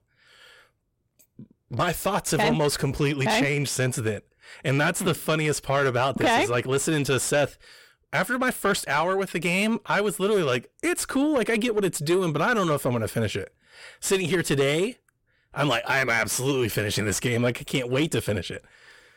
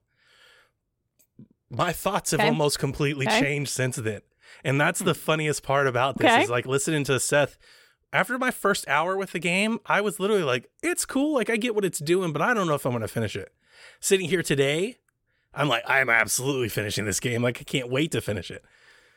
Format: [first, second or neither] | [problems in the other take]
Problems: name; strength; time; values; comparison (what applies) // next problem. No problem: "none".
second | distortion; slight; 10 dB below the speech